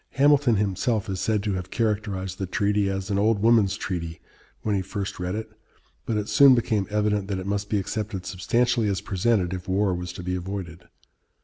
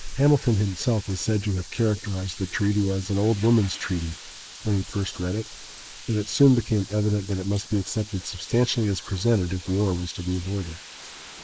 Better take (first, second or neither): first